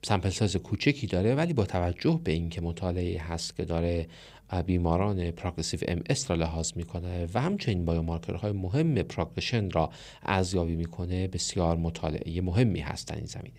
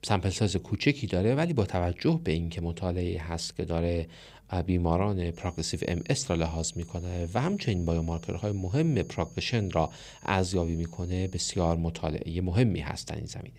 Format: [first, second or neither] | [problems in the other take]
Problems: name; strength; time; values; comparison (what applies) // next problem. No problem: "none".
first | high-pitched whine; faint; from 5.5 to 12 s; 6.5 kHz, 25 dB below the speech